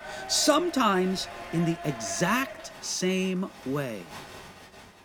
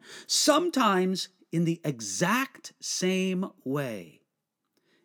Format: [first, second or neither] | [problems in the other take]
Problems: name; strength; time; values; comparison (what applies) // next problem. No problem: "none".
second | crowd noise; noticeable; throughout; 15 dB below the speech